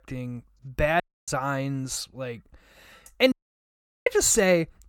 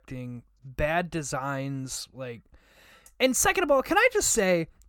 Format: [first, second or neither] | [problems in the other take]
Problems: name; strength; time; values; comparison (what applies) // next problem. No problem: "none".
second | audio cutting out; at 1 s and at 3.5 s for 0.5 s